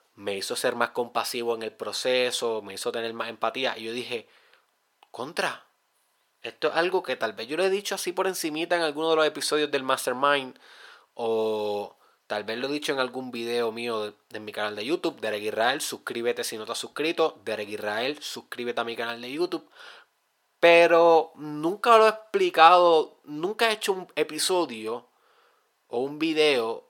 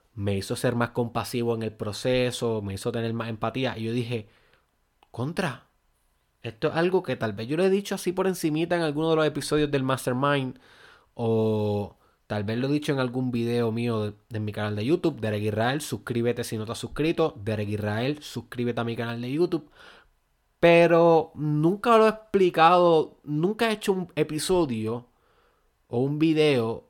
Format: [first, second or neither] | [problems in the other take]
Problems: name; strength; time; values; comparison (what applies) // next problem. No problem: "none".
second | thin; somewhat; fading below 500 Hz